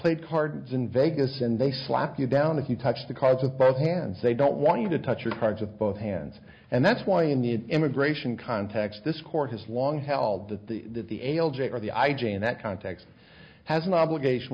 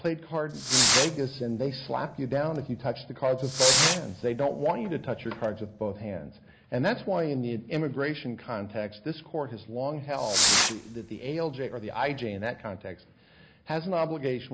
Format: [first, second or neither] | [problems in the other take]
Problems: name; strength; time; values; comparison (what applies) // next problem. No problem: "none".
first | background sound (Fireworks); 2 dB above the speech